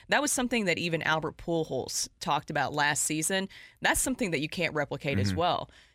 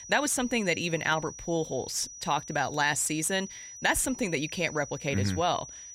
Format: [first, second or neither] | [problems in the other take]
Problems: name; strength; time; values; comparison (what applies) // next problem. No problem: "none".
first | high-pitched whine; noticeable; throughout; 6 kHz, 15 dB below the speech